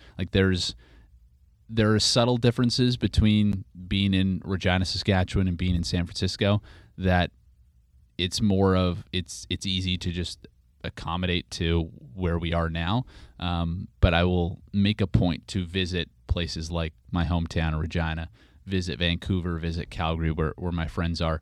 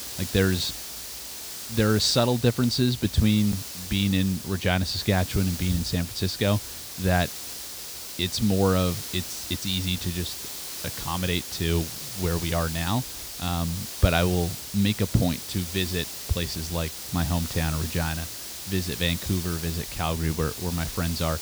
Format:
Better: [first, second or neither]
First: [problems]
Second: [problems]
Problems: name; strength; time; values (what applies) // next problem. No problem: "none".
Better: first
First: none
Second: hiss; loud; throughout; 7 dB below the speech